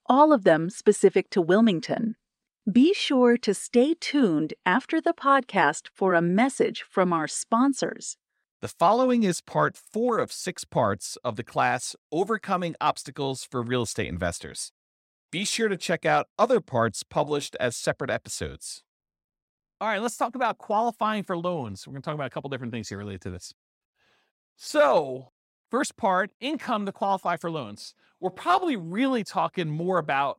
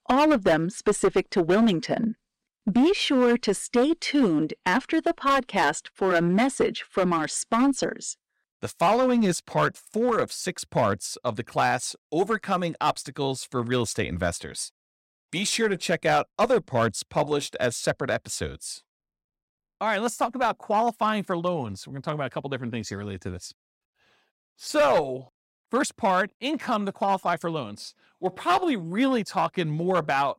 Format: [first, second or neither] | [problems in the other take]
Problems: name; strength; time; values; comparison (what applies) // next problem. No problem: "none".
first | distortion; slight; 5% of the sound clipped